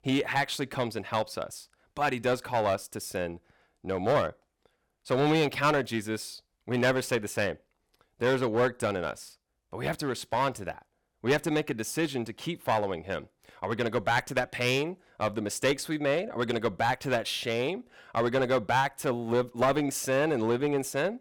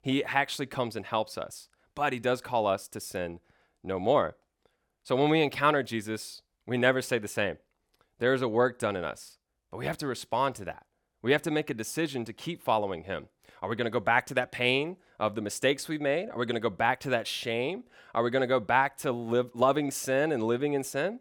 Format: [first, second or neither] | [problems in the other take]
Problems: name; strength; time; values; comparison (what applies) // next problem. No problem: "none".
second | distortion; slight; 4% of the sound clipped